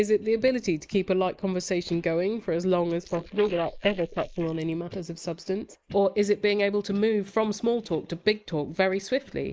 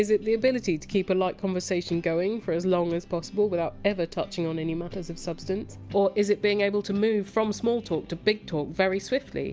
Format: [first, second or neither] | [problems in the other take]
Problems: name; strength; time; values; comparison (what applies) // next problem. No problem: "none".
second | noise reduction (neural mask model Resemble Enhance denoiser)